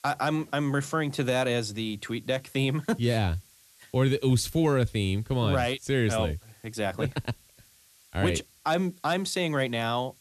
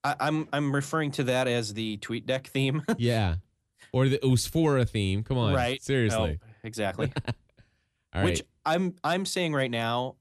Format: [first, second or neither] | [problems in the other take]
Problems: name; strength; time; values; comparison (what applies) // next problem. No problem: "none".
second | hiss; faint; throughout; 30 dB below the speech